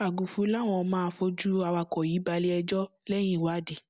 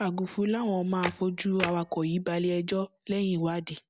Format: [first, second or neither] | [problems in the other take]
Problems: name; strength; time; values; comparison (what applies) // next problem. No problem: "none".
first | background sound (Camera); 11 dB below the speech